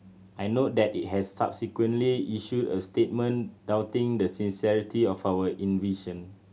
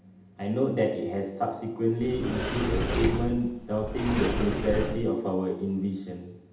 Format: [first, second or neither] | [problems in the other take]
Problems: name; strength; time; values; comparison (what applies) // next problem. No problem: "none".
first | background sound (Sliding door); 1 dB below the speech // room echo; dies away in 0.8 s